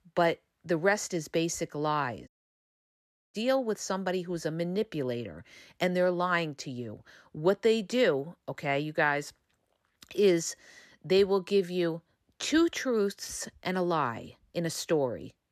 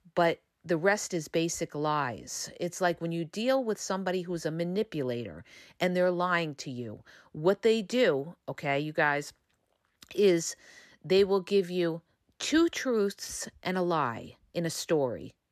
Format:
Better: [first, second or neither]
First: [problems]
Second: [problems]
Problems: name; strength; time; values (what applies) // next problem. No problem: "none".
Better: second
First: audio cutting out; at 2.5 s for 1 s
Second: none